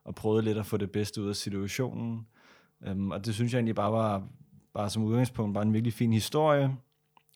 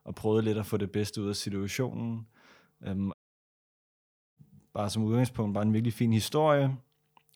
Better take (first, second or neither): first